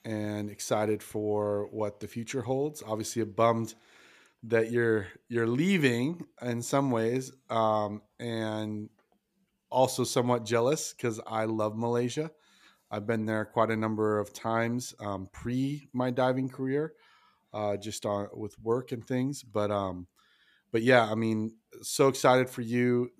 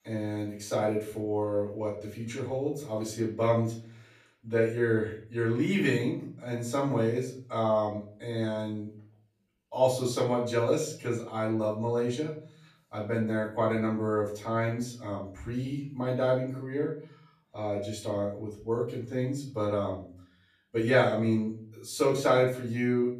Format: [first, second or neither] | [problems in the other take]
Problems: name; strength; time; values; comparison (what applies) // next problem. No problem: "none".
first | off-mic speech; far // room echo; slight; dies away in 0.4 s